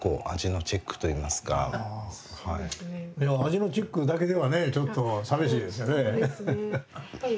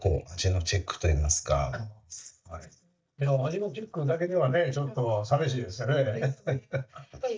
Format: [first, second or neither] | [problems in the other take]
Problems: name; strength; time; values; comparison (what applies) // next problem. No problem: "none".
first | noise reduction (neural mask model DeepFilterNet 3)